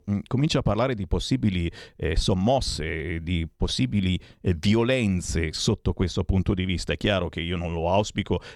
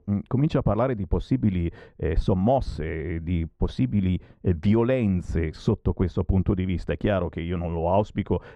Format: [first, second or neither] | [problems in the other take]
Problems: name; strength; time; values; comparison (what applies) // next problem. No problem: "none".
first | muffled; very; fading above 2.5 kHz